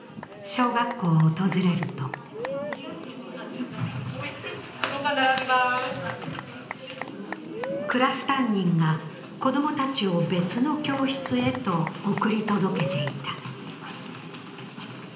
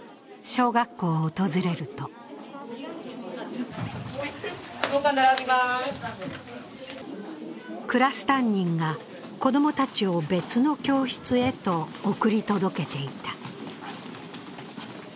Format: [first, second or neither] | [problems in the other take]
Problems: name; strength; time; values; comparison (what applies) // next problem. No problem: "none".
second | background sound (Applause / Cheering / Clapping); 11 dB below the speech // room echo; dies away in 0.8 s